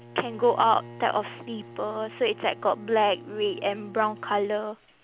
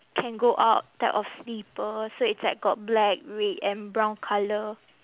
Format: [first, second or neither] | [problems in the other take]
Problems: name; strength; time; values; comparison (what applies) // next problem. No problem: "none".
second | background sound (Bowed string instrument); 18 dB below the speech